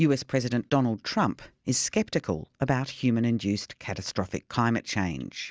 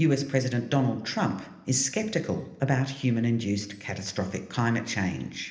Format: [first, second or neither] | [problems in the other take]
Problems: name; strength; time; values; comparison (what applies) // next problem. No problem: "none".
first | room echo; dies away in 0.8 s